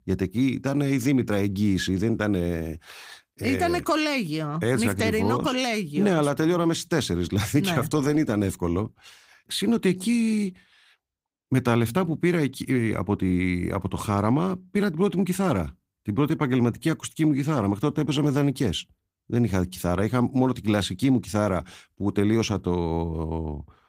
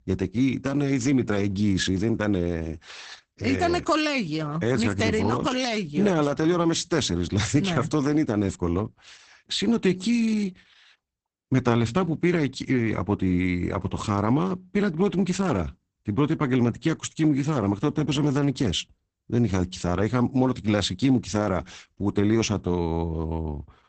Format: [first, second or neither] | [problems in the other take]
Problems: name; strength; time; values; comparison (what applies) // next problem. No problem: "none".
first | garbled, watery; badly; nothing above 8 kHz; slightly in the first